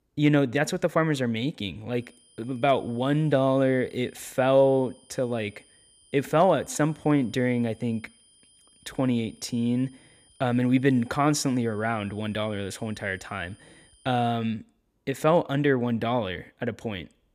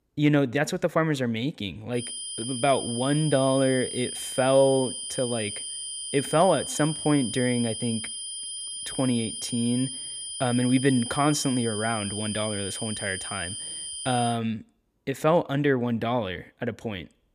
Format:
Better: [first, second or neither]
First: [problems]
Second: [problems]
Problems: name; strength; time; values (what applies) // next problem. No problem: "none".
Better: first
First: high-pitched whine; faint; from 2 to 14 s; 9.5 kHz, 30 dB below the speech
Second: high-pitched whine; loud; from 2 to 14 s; 9.5 kHz, 6 dB below the speech